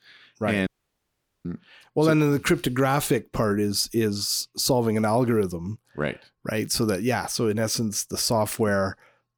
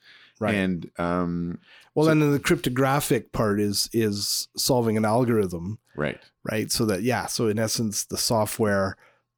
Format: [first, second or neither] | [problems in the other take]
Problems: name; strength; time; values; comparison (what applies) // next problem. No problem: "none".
second | audio cutting out; at 0.5 s for 1 s